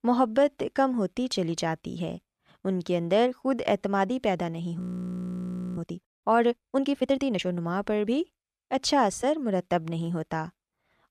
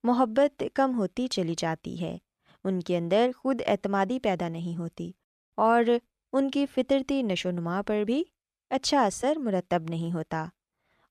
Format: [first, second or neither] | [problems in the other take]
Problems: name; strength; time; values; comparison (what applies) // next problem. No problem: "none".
second | audio freezing; at 5 s for 1 s